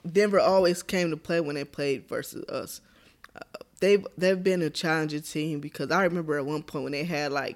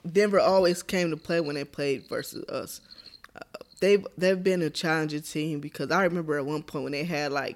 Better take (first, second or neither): first